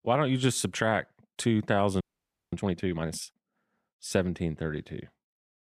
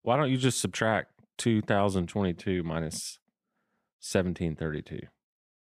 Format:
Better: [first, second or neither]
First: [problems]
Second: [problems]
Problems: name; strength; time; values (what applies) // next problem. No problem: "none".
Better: second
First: audio freezing; at 2 s for 0.5 s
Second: none